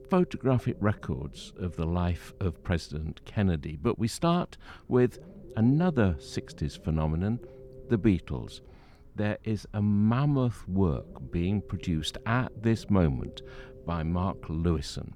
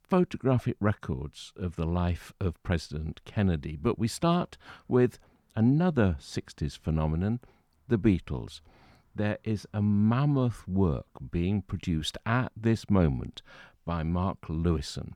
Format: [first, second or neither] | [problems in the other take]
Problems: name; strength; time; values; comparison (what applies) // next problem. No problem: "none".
second | low rumble; noticeable; throughout; 20 dB below the speech